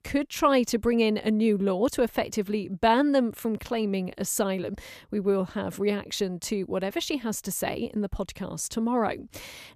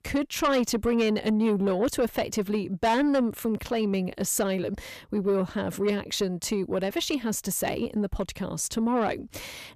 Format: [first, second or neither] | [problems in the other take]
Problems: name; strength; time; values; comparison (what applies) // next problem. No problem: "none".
first | distortion; slight; 10 dB below the speech